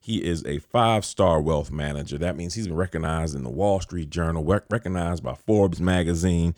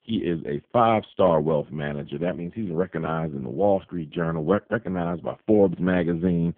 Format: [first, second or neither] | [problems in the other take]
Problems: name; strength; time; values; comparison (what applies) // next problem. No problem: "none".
first | phone-call audio; poor line; nothing above 3.5 kHz